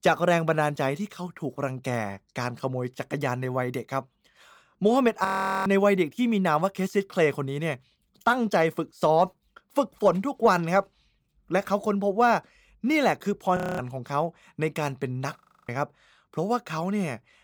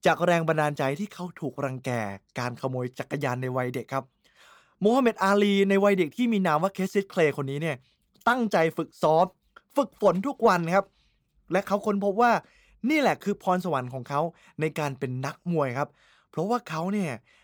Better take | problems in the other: second | audio freezing; at 5.5 s, at 14 s and at 15 s

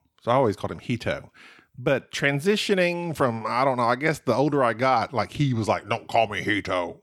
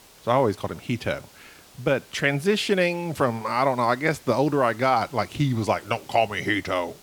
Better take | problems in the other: first | hiss; faint; throughout; 25 dB below the speech

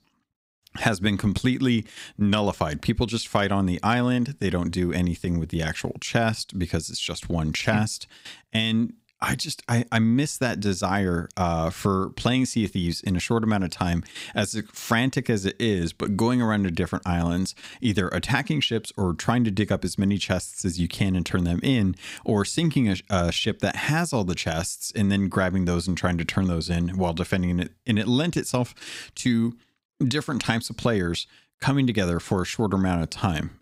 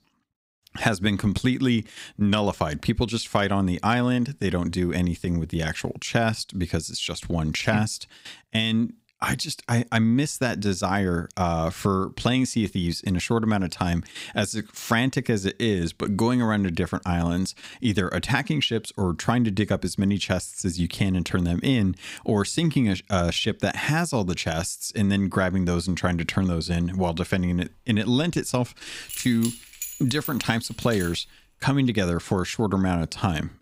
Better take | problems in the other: first | jangling keys; noticeable; from 28 to 31 s; peak 9 dB below the speech

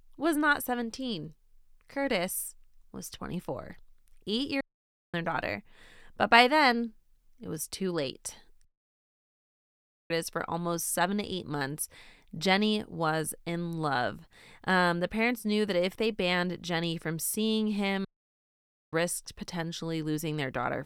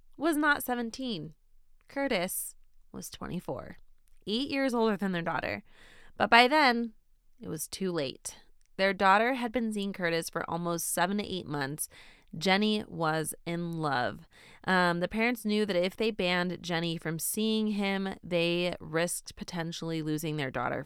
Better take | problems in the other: second | audio cutting out; at 4.5 s for 0.5 s, at 8.5 s for 1.5 s and at 18 s for 1 s

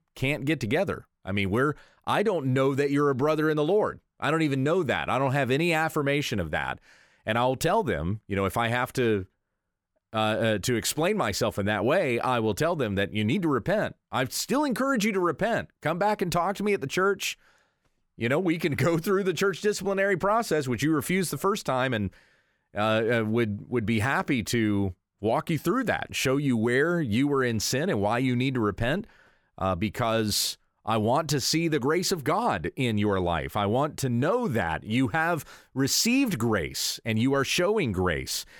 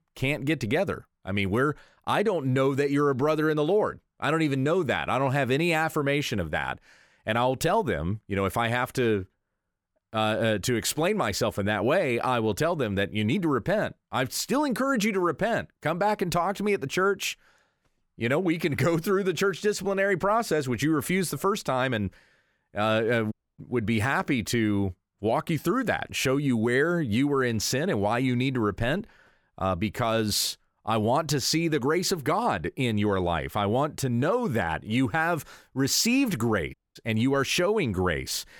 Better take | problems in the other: first | audio cutting out; at 23 s and at 37 s

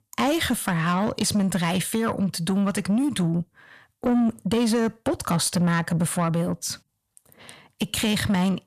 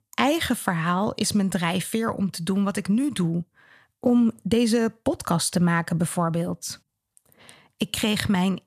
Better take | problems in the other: second | distortion; slight; 10 dB below the speech

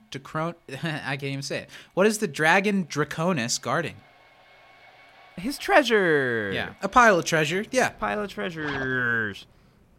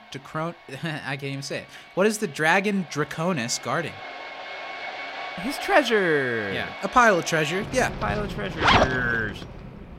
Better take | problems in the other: first | household noises; loud; throughout; 5 dB below the speech; faint in the first

